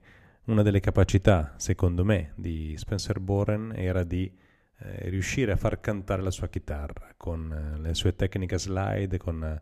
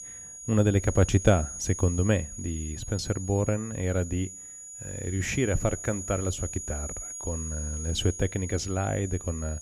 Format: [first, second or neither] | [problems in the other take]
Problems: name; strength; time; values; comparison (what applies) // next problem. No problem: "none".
first | high-pitched whine; loud; throughout; 7 kHz, 9 dB below the speech